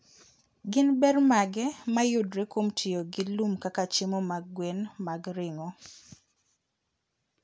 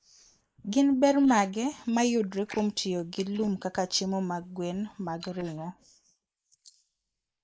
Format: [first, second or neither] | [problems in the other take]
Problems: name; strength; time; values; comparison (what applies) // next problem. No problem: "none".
first | noise reduction (neural mask model Resemble Enhance denoiser)